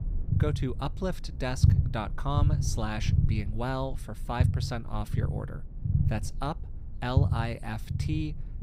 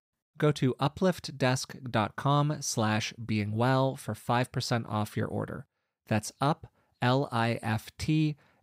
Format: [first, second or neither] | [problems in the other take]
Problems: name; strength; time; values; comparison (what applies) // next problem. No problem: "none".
second | low rumble; loud; throughout; 6 dB below the speech